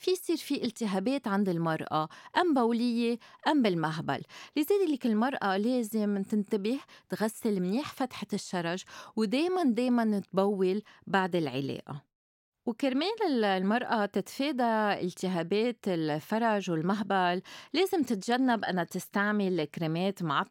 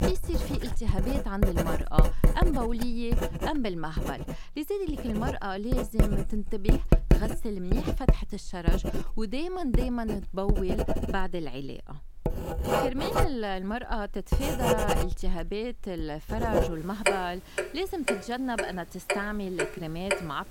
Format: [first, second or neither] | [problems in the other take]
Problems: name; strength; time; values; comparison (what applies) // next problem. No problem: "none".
first | household noises; very loud; throughout; 3 dB above the speech